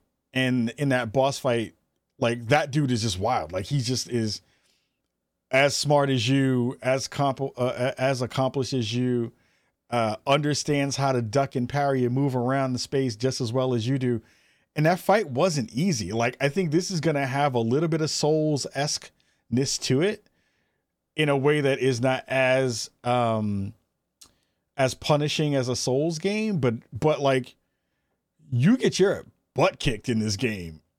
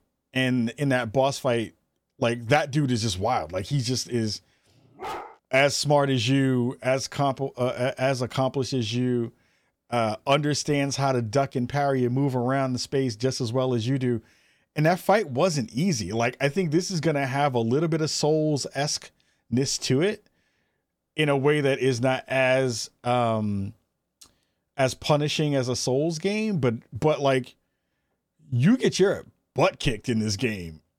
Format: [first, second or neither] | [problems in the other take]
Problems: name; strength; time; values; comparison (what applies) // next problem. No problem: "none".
first | dog barking; faint; at 5 s; peak 10 dB below the speech